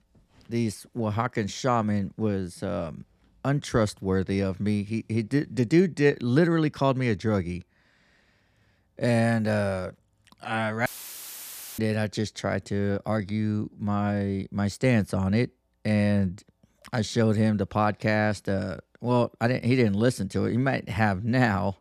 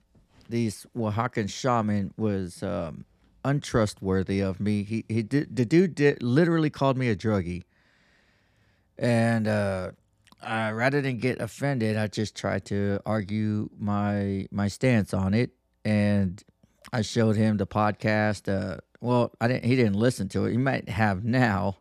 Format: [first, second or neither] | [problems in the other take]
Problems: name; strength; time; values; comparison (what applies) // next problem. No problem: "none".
second | audio cutting out; filled with static; at 11 s for 1 s